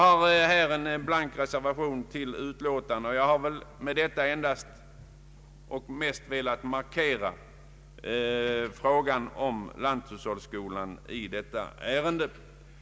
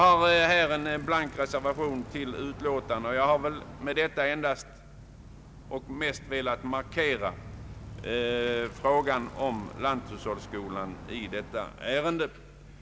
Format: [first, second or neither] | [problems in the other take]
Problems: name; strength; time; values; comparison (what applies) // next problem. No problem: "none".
first | background sound (Bicycle); 17 dB below the speech